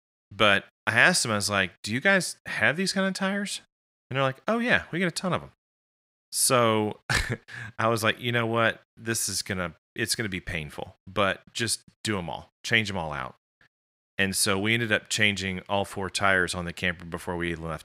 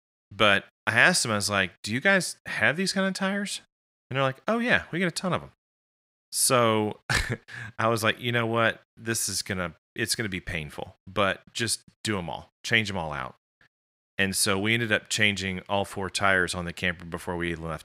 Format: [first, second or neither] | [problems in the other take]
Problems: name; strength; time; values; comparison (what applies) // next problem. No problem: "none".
neither | none